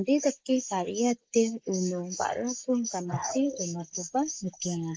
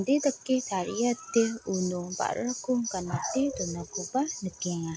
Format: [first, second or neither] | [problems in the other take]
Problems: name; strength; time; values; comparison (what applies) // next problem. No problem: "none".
second | noise reduction (neural mask model Resemble Enhance denoiser)